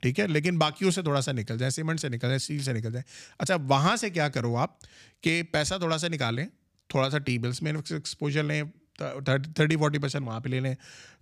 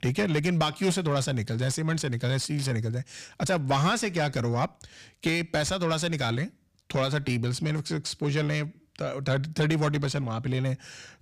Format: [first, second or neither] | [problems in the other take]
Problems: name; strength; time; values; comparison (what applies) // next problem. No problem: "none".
first | distortion; slight; 10 dB below the speech